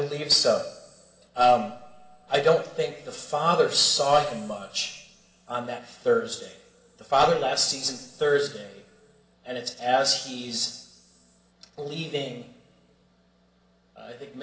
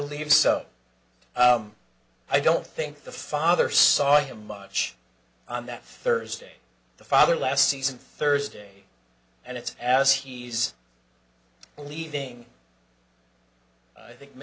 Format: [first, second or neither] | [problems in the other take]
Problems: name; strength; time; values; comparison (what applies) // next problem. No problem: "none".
second | room echo; dies away in 1.8 s